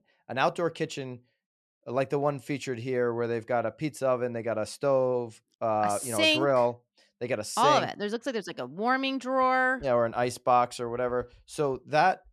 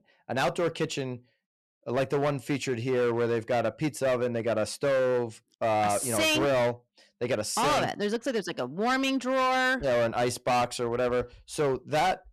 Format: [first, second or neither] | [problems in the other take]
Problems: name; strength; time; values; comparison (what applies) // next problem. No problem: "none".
first | distortion; heavy; 16% of the sound clipped